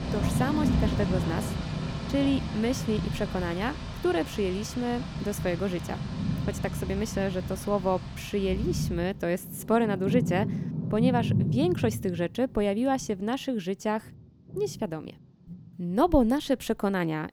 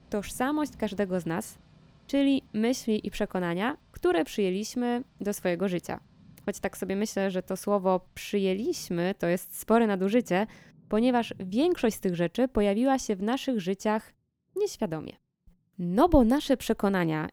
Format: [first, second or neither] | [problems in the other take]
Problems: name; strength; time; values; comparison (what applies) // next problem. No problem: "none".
second | rain or running water; loud; throughout; 3 dB below the speech; faint in the second